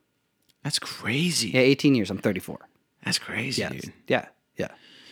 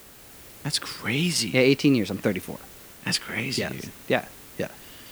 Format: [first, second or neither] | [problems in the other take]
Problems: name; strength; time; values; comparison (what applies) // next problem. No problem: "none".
first | hiss; noticeable; throughout; 20 dB below the speech